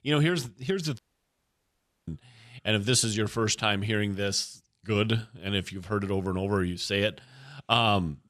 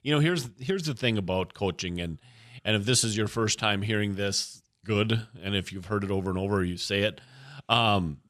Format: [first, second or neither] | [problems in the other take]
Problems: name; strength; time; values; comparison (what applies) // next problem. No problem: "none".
second | audio cutting out; at 1 s for 1 s